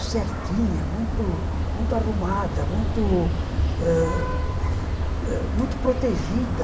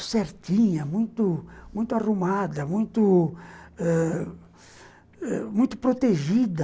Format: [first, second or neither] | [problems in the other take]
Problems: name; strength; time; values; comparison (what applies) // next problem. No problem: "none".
second | background sound (Vehicle horn, car horn, honking); 2 dB above the speech // room echo; dies away in 0.7 s